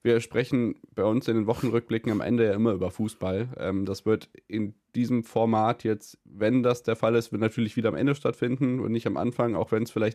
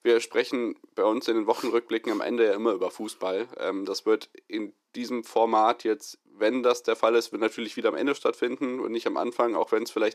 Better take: first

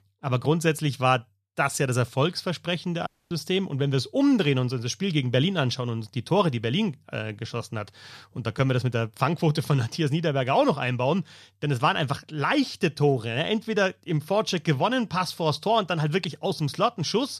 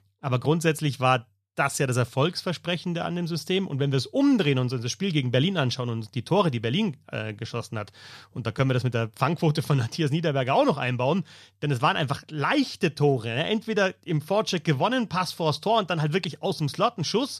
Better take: second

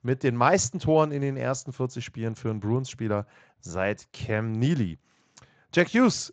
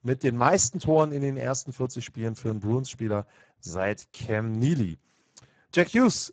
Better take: first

